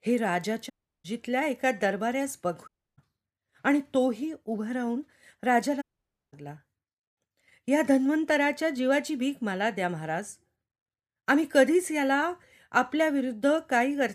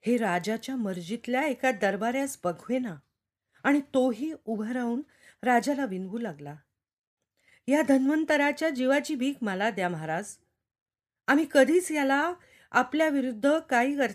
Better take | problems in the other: second | audio cutting out; at 0.5 s, at 2.5 s and at 6 s for 0.5 s

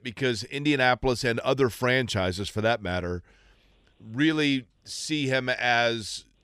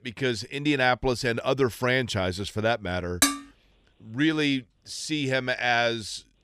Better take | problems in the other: first | clattering dishes; loud; at 3 s; peak 3 dB above the speech

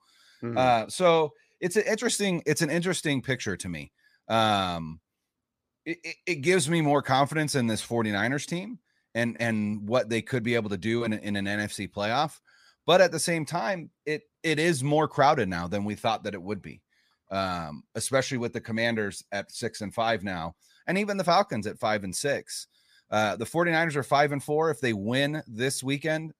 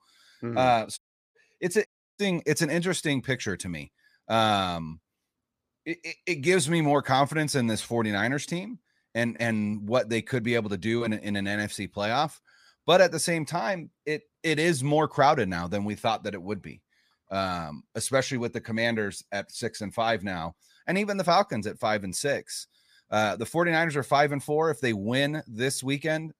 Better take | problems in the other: first | audio cutting out; at 1 s and at 2 s

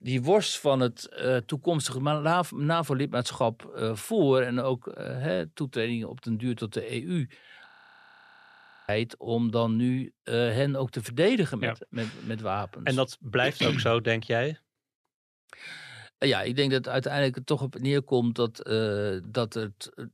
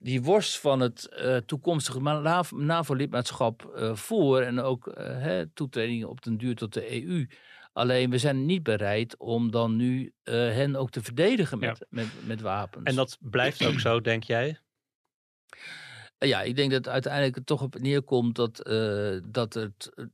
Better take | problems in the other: second | audio freezing; at 7.5 s for 1 s

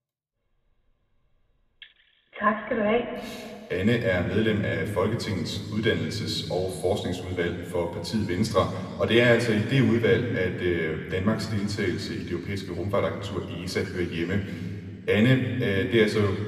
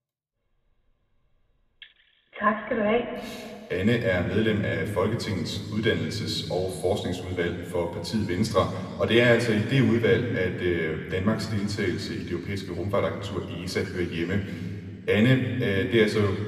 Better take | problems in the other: neither | room echo; slight; dies away in 2.2 s; the same in both // off-mic speech; somewhat distant; the same in both

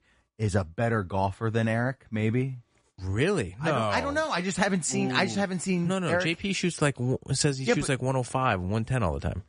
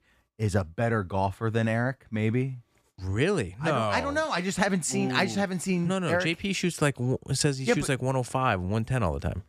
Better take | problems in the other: second | garbled, watery; slightly; nothing above 10 kHz

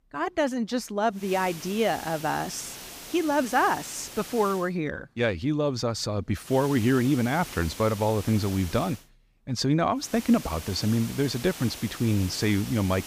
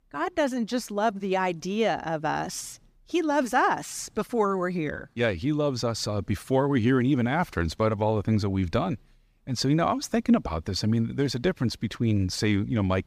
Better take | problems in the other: second | hiss; noticeable; from 1 to 4.5 s, from 6.5 to 9 s and from 10 s on; 15 dB below the speech

